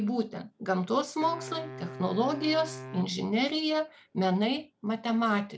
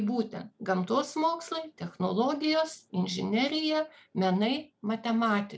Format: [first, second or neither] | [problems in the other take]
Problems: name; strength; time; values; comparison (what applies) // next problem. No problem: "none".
second | background sound (Wind instrument, woodwind instrument); 14 dB below the speech